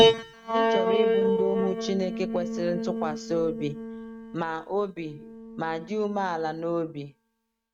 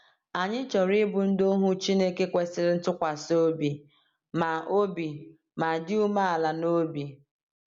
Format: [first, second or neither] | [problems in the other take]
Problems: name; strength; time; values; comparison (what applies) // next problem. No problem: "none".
second | noise reduction (neural mask model RNNoise)